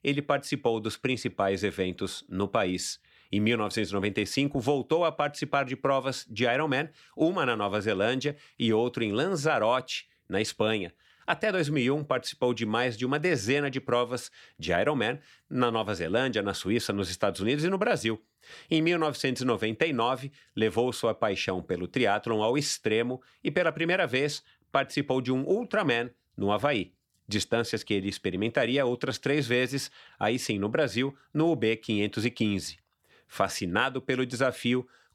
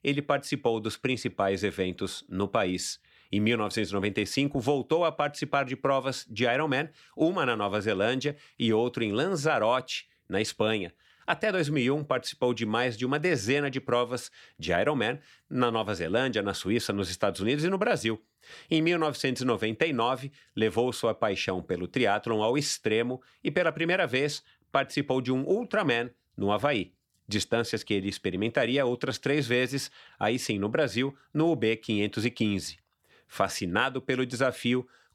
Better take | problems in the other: neither | none

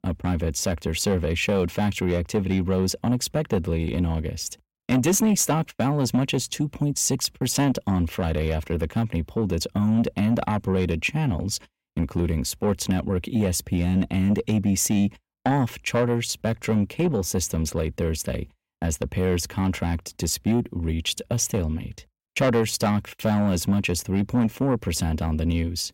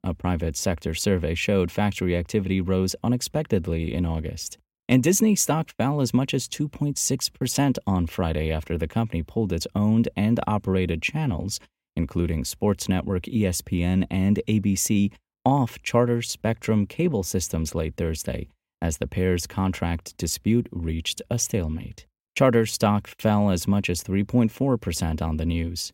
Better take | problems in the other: second | distortion; slight; 10 dB below the speech

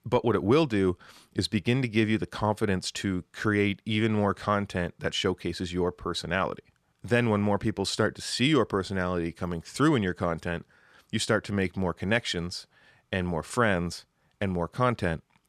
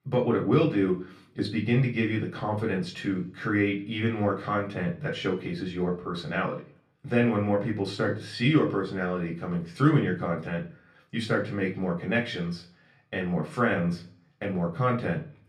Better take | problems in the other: first | room echo; slight; dies away in 0.4 s // off-mic speech; far

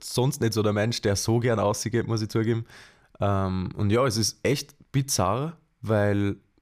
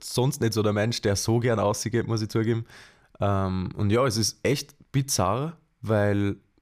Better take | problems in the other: neither | none

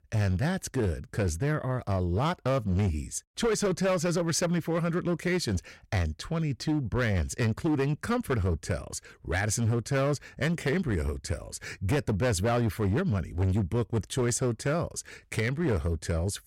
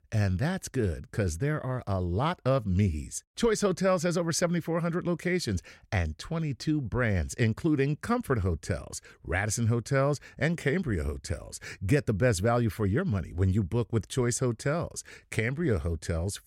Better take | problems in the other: second | distortion; slight; 11% of the sound clipped

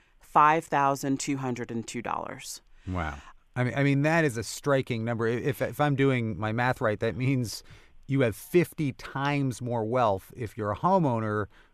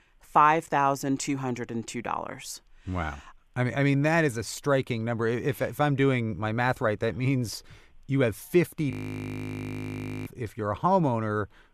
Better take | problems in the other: first | audio freezing; at 9 s for 1.5 s

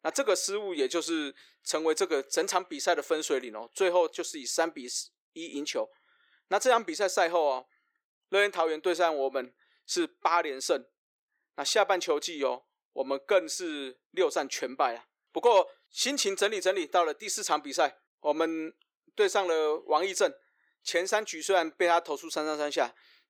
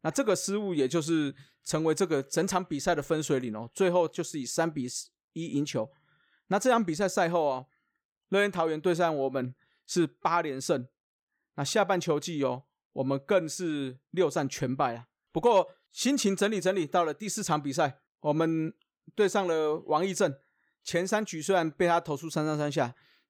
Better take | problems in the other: second | thin; somewhat; fading below 350 Hz

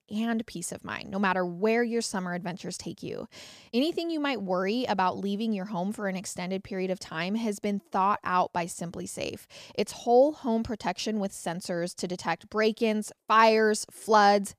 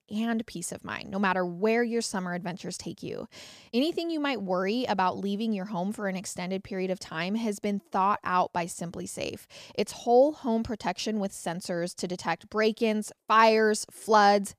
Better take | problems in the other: neither | none

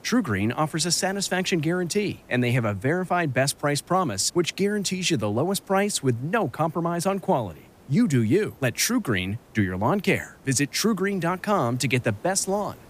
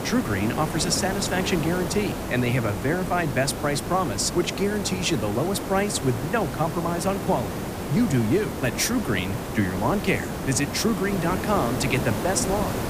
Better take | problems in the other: first | hiss; loud; throughout; 5 dB below the speech; faint in the first

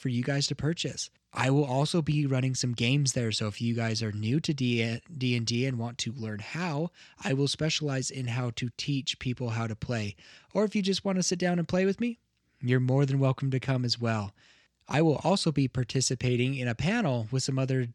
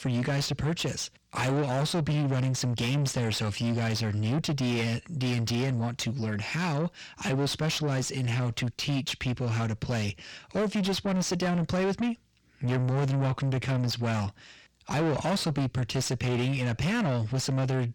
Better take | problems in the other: first | distortion; heavy; 7 dB below the speech

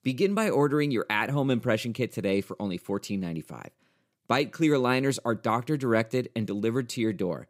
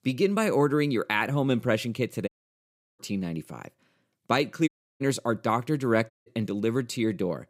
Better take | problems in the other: first | audio cutting out; at 2.5 s for 0.5 s, at 4.5 s and at 6 s

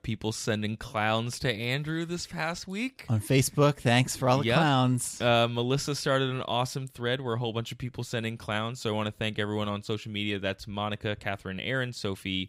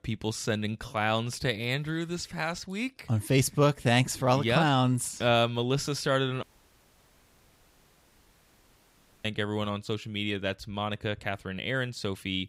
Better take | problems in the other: first | audio cutting out; at 6.5 s for 3 s

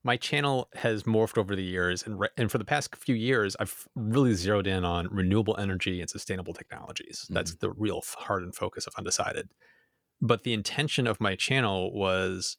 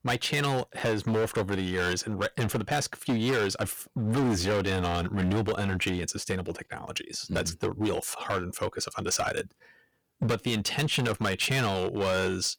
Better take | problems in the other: first | distortion; heavy; 14% of the sound clipped

